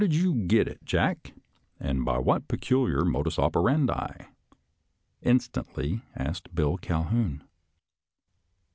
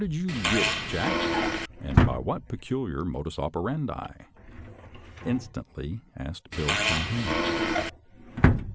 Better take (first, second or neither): first